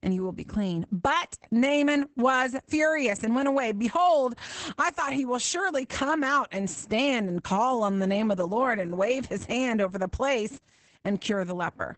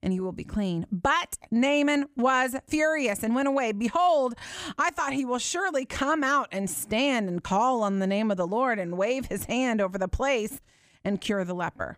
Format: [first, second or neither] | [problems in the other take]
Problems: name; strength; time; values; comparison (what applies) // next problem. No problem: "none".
second | garbled, watery; badly; nothing above 8 kHz